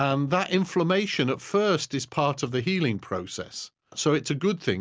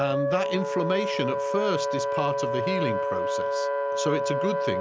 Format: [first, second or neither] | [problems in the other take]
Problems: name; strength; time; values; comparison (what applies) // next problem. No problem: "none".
first | background sound (Wind instrument, woodwind instrument); 3 dB above the speech